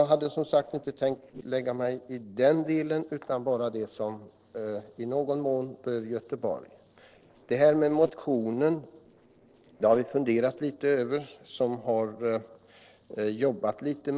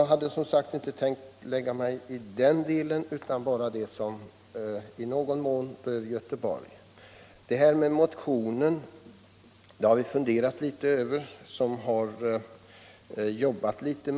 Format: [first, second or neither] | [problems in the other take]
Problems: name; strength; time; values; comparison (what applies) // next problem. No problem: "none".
second | noise reduction (neural separator model SepFormer DNS4)